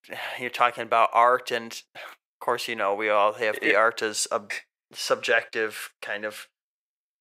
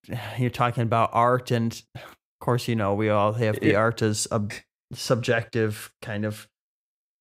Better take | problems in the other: second | thin; very; fading below 600 Hz

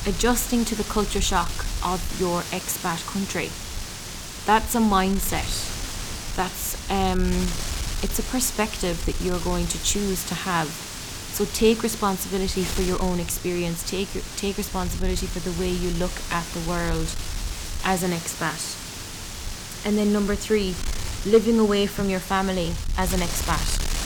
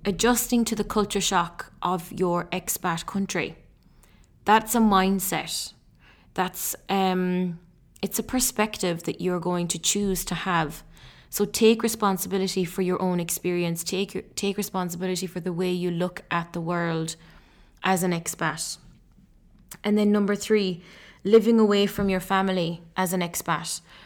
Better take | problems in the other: second | wind noise on the microphone; heavy; 8 dB below the speech

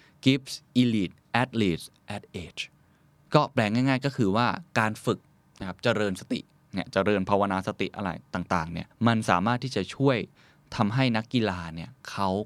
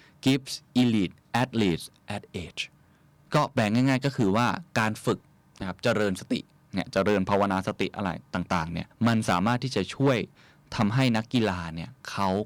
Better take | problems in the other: first | distortion; slight; 3% of the sound clipped

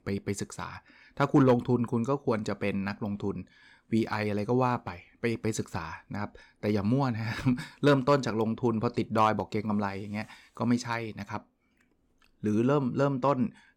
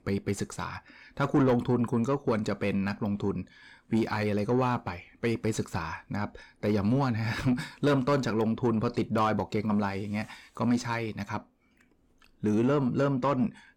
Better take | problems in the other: first | distortion; slight; 10 dB below the speech

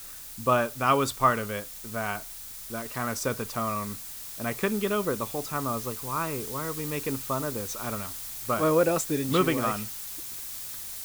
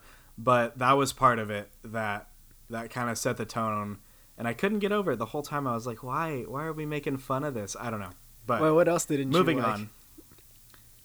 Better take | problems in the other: second | hiss; loud; throughout; 7 dB below the speech; faint in the second

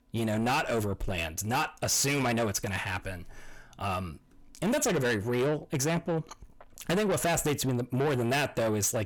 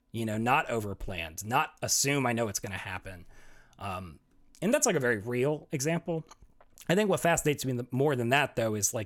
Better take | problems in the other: second | distortion; heavy; 6 dB below the speech

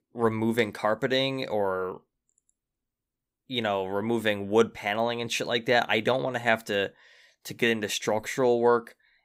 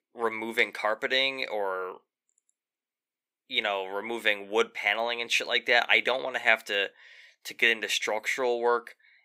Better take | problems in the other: first | thin; somewhat; fading below 400 Hz

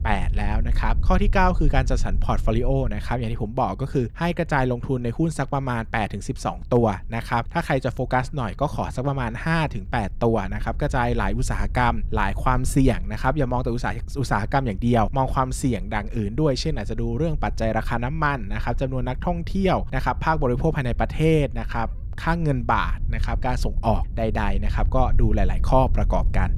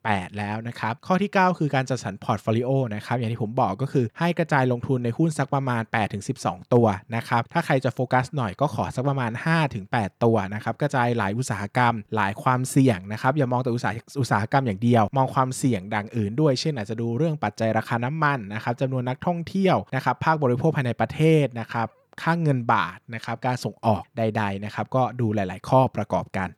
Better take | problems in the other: second | low rumble; faint; throughout; 25 dB below the speech

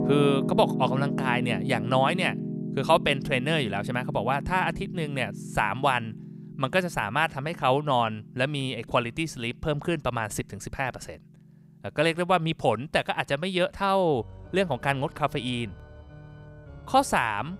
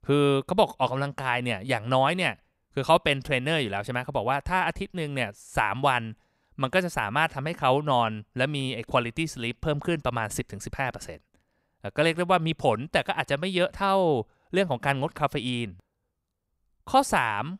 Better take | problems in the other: second | background music; loud; throughout; 7 dB below the speech

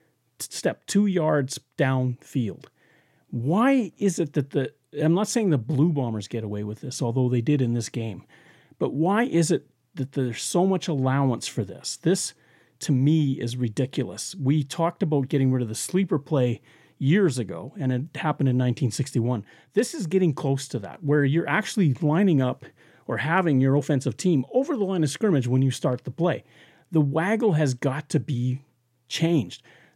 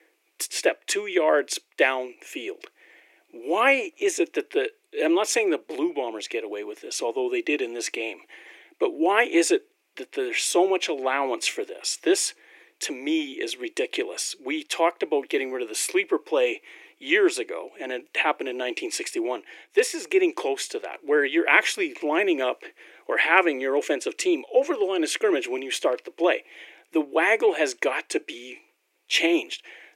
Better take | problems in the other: first | thin; very; fading below 350 Hz

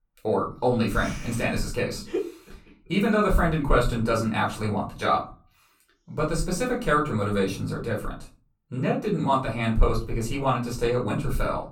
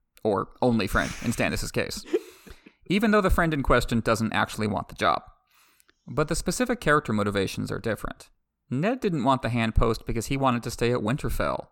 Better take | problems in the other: second | off-mic speech; far // room echo; slight; dies away in 0.3 s

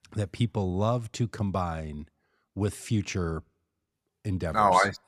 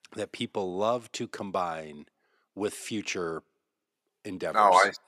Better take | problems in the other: first | thin; somewhat; fading below 350 Hz

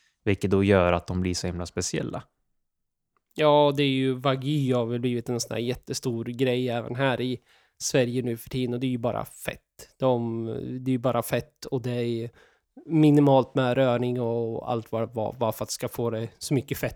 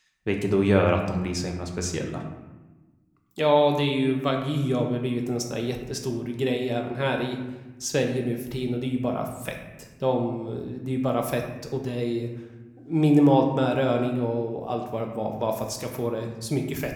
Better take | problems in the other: first | room echo; slight; dies away in 0.9 s

